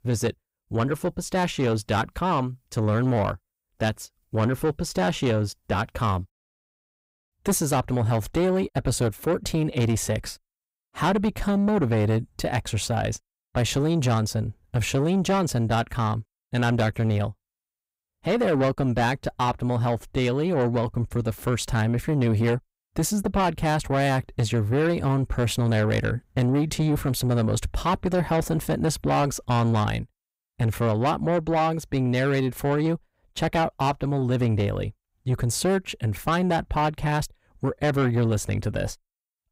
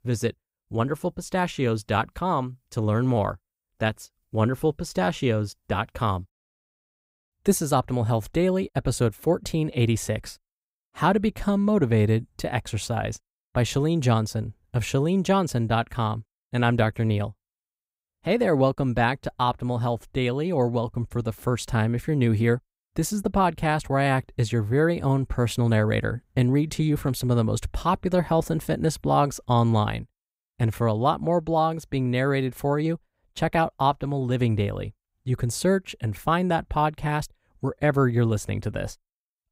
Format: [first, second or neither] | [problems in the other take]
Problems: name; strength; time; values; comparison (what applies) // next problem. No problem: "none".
second | distortion; slight; 10 dB below the speech